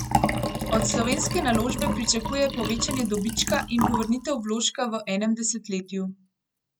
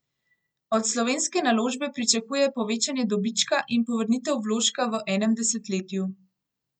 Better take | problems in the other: second | background sound (Liquid); 3 dB below the speech

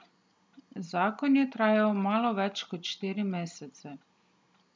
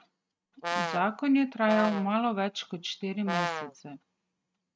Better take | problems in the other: first | noise reduction (neural mask model RNNoise)

